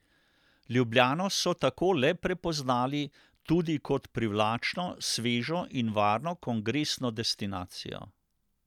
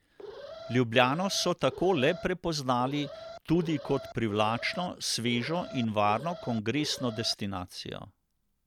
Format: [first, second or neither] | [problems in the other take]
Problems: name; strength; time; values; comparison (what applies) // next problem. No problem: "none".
first | background sound (Alarm); 14 dB below the speech